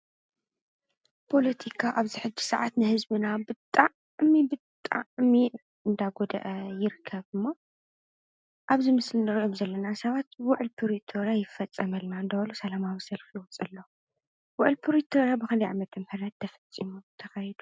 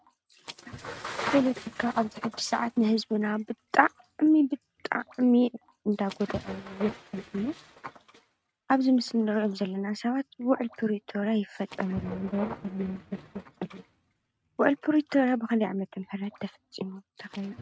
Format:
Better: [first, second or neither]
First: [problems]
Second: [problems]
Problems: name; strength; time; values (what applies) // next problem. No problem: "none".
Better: first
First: none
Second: noise reduction (neural mask model RNNoise)